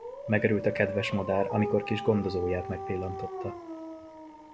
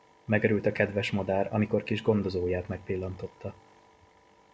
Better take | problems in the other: second | background sound (Dog); 8 dB below the speech

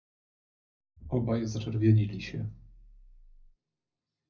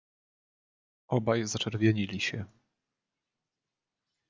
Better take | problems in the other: second | background sound (Explosion); 19 dB below the speech // room echo; dies away in 0.4 s

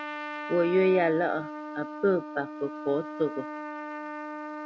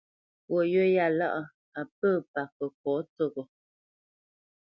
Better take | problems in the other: second | background sound (Trumpet); 8 dB below the speech

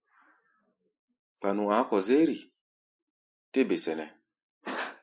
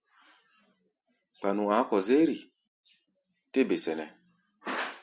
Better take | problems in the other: second | noise reduction (neural mask model Resemble Enhance denoiser)

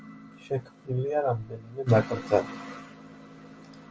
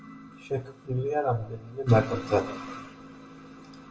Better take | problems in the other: first | room echo; dies away in 0.6 s

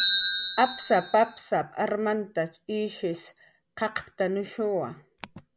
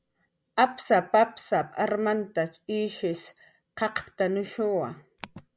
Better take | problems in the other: second | background sound (Bicycle); 6 dB below the speech

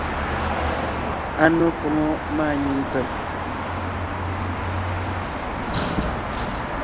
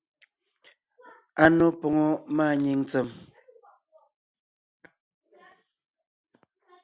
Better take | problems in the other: second | background sound (Car passing by / Traffic noise, roadway noise / Engine); 1 dB above the speech

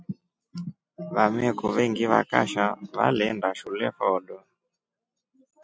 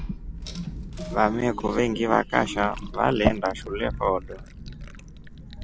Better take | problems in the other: first | background sound (Thunderstorm + Fill (with liquid) / Glass); 7 dB below the speech

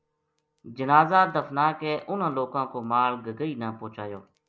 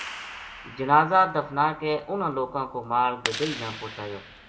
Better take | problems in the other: first | background sound (Clapping); 13 dB below the speech // room echo; dies away in 1.1 s

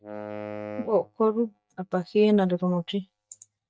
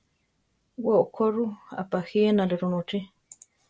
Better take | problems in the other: second | noise reduction (neural mask model DeepFilterNet 3)

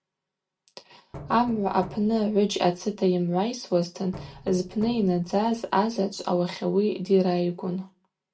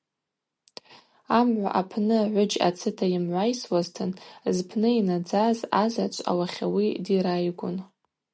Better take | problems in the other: second | background sound (Knock); 20 dB below the speech // room echo; dies away in 0.2 s

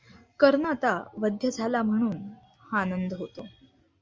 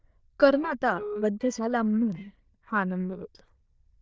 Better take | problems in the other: first | noise reduction (neural diffusion model UNIVERSE++)

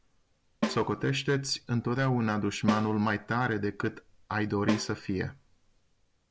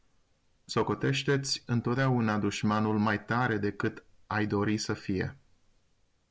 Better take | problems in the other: second | background sound (Snare drum); 8 dB below the speech

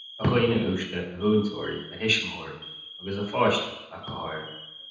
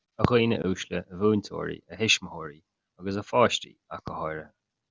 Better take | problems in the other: second | background sound (Alarm); 16 dB below the speech // room echo; dies away in 0.9 s

